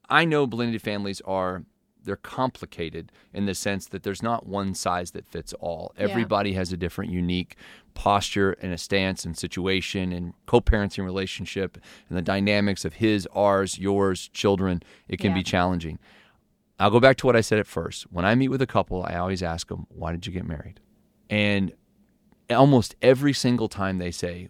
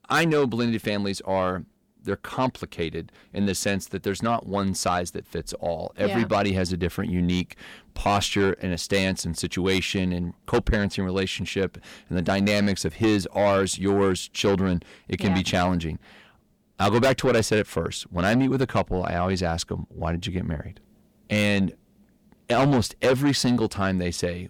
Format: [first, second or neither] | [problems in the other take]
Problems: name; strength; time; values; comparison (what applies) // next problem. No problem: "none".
first | distortion; heavy; 8 dB below the speech